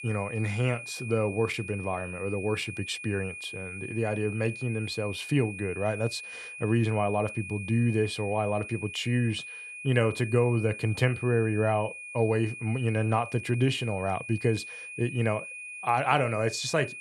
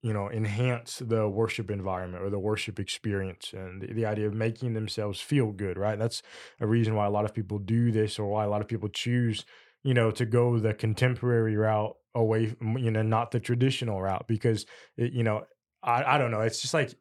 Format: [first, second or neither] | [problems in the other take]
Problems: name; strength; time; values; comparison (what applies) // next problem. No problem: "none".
second | high-pitched whine; loud; throughout; 2.5 kHz, 10 dB below the speech